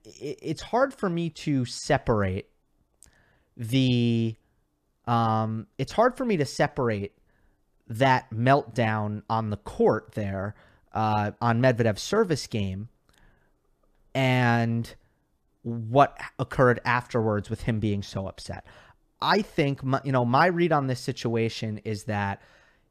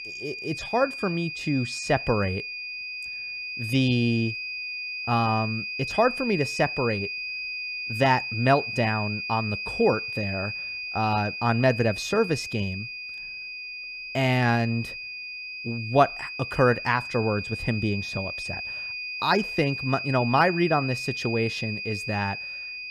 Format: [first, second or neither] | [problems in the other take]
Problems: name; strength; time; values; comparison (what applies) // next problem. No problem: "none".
first | high-pitched whine; loud; throughout; 2.5 kHz, 6 dB below the speech